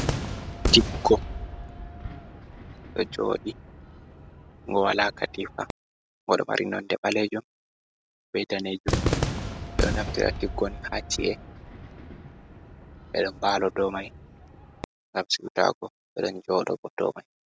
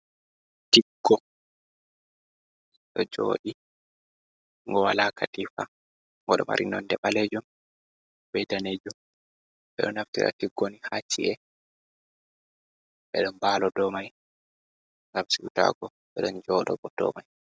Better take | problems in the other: second | background sound (Cheering / Fireworks); 5 dB below the speech

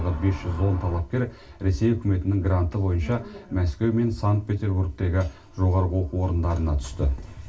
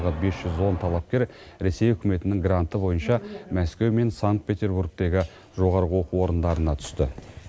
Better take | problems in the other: second | room echo; dies away in 0.2 s

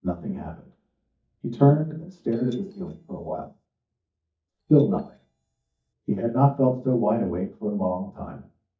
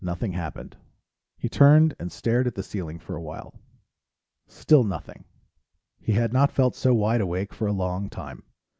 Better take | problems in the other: second | noise reduction (neural mask model DeepFilterNet 3)

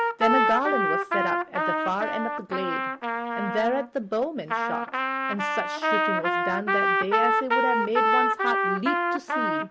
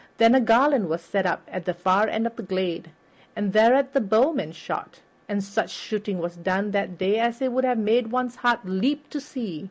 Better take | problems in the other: second | background sound (Trumpet); 5 dB above the speech

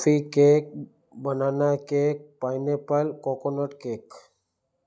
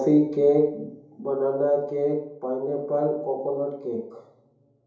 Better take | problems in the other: first | room echo; dies away in 2.8 s

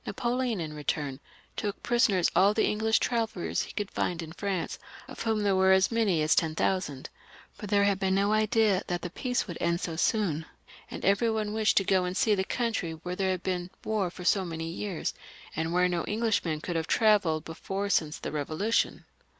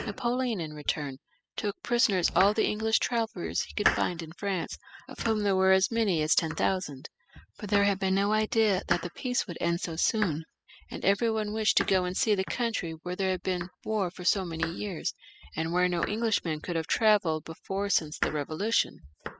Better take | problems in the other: first | noise reduction (classical method spectral subtraction)

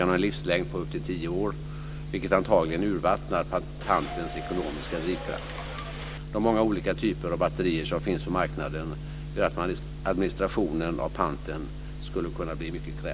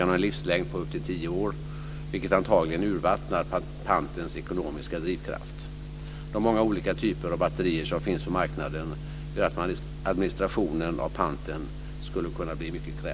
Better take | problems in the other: second | background sound (Subway, metro, underground / Doorbell); 11 dB below the speech

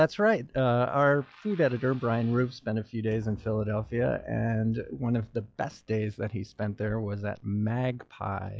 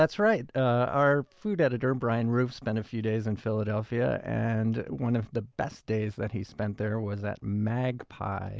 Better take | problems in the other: second | noise reduction (classical method log-MMSE)

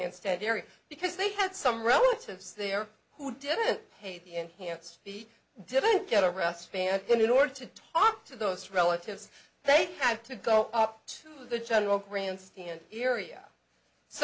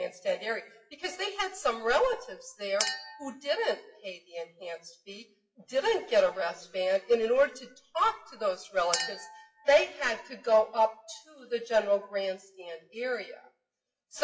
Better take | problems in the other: first | noise reduction (classical method WPE with log-MMSE)

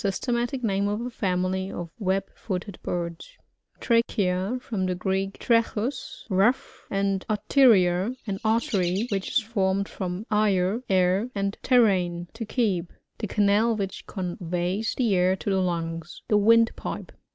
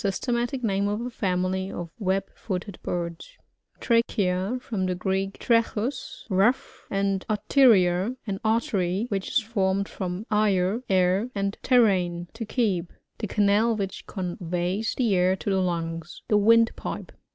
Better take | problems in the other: second | background sound (Chirp, tweet); 18 dB below the speech

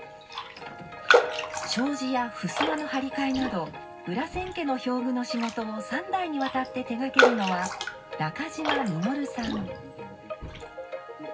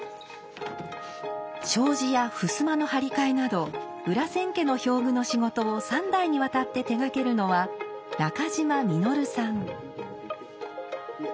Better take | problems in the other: second | background sound (Raindrop); 1 dB below the speech // room echo; dies away in 0.4 s

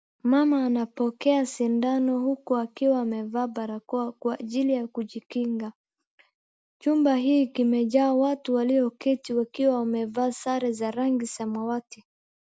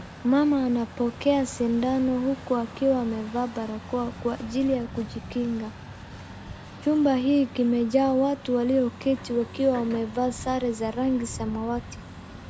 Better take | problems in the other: first | background sound (Truck); 15 dB below the speech

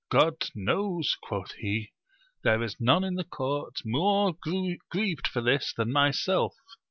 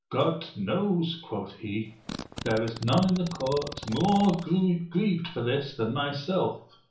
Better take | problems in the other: first | background sound (Fart); 12 dB below the speech // room echo; dies away in 0.7 s

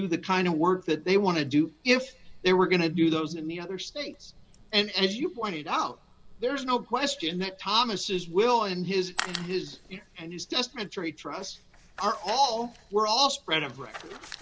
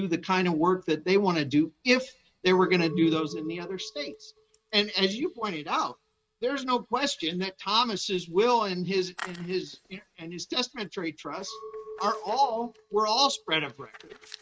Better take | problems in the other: first | noise reduction (neural mask model RNNoise)

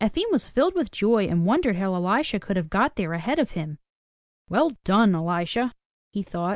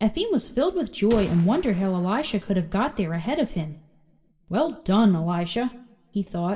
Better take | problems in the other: first | background sound (Gunshot, gunfire); 17 dB below the speech // room echo; dies away in 0.7 s

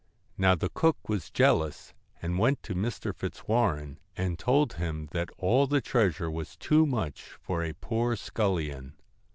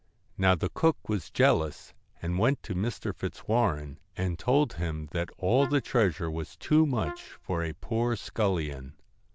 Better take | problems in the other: first | background sound (Brass instrument); 16 dB below the speech

